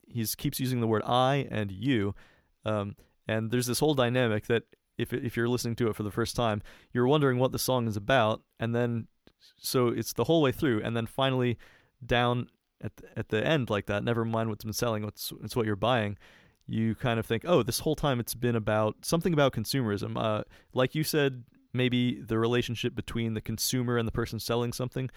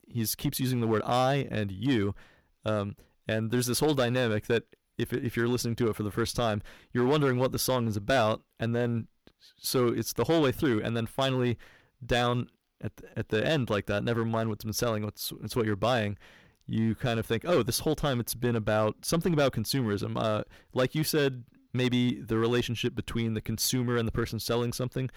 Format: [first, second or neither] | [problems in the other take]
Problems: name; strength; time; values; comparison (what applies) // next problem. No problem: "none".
first | distortion; slight; 4% of the sound clipped